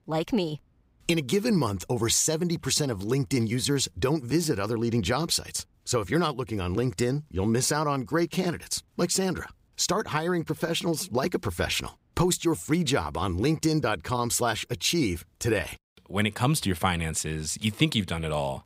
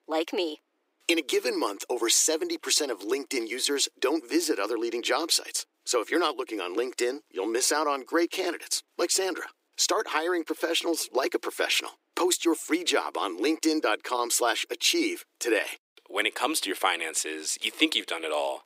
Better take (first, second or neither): first